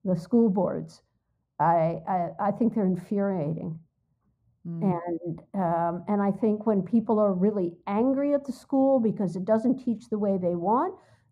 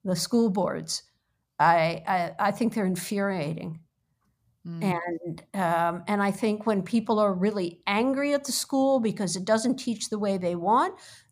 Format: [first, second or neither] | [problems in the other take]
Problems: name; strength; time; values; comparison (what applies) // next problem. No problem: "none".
second | muffled; very; fading above 1.5 kHz